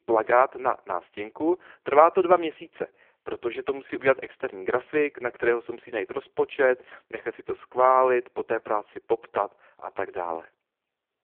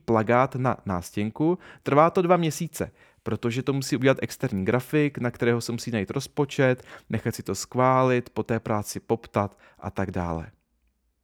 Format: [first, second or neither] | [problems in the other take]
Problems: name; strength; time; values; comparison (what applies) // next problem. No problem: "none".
second | phone-call audio; poor line